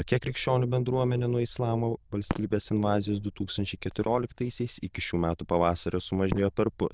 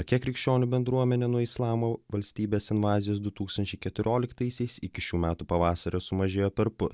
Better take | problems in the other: second | noise reduction (neural diffusion model UNIVERSE++)

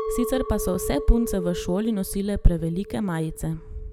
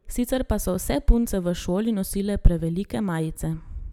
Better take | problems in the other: second | background sound (Chink, clink); 10 dB below the speech

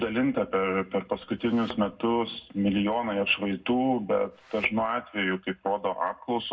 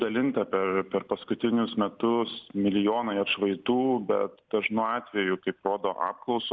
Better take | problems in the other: second | background sound (Thump, thud); 18 dB below the speech // room echo; dies away in 0.3 s

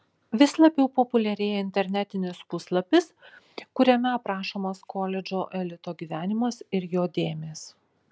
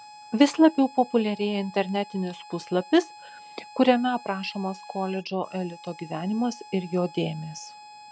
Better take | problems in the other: first | background sound (Harmonica); 20 dB below the speech

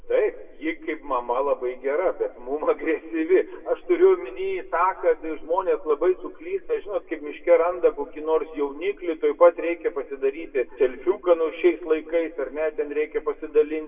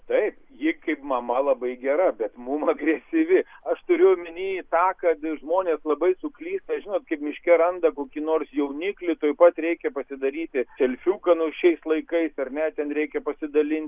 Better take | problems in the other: second | room echo; dies away in 1.4 s

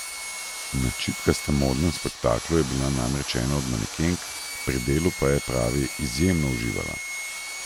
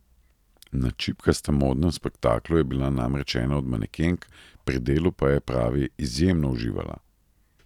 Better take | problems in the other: second | background sound (Sawing); 8 dB below the speech

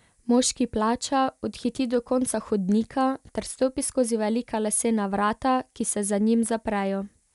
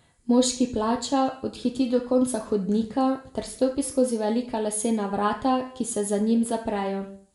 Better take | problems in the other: first | room echo; dies away in 0.5 s

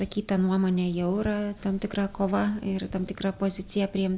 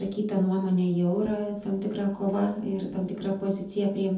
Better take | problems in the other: first | room echo; dies away in 0.5 s

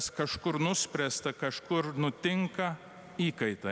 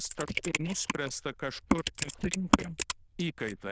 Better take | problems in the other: first | noise reduction (neural diffusion model UNIVERSE++)

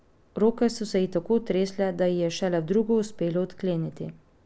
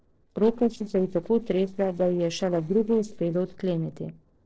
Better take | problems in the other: first | noise reduction (neural separator model SepFormer DNS4)

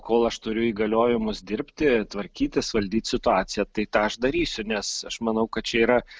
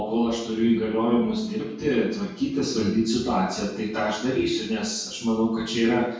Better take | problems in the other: first | room echo; dies away in 0.6 s

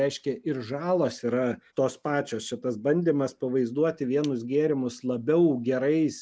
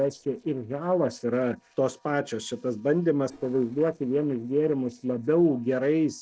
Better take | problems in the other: first | noise reduction (neural separator model SepFormer DNS4)

